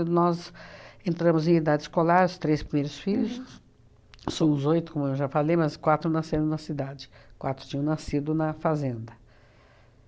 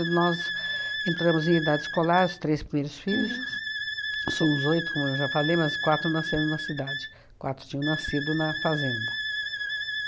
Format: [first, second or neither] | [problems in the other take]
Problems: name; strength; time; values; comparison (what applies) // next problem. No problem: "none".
first | background sound (Wind instrument, woodwind instrument); 4 dB below the speech